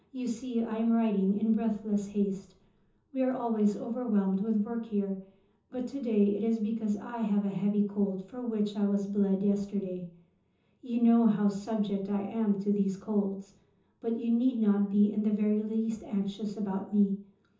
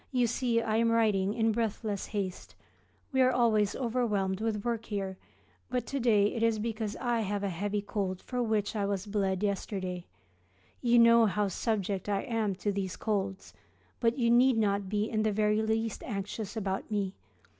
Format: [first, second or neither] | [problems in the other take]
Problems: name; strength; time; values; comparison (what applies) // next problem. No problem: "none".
second | room echo; dies away in 0.6 s